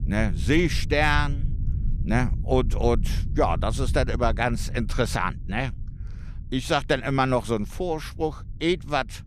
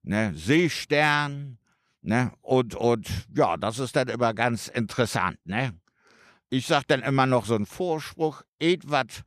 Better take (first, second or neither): second